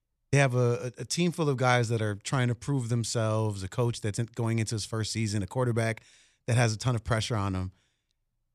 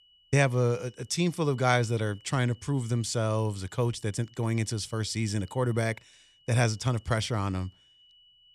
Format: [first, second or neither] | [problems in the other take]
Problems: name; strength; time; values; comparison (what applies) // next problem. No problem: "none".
first | high-pitched whine; faint; throughout; 3 kHz, 30 dB below the speech